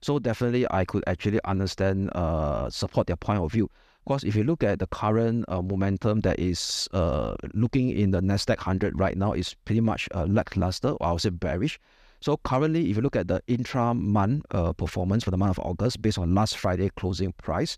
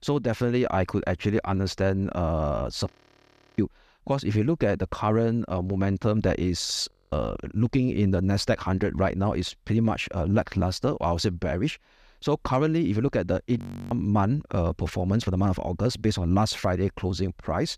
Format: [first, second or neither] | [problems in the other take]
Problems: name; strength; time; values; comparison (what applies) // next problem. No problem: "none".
first | audio freezing; at 3 s for 0.5 s, at 7 s and at 14 s